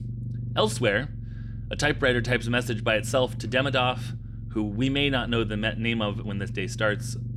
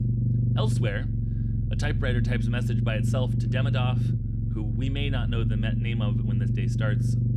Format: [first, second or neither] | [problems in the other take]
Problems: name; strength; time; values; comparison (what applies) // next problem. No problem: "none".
first | low rumble; loud; throughout; 3 dB below the speech; faint in the first